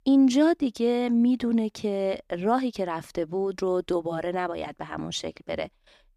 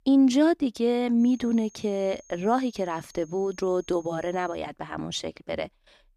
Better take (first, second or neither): first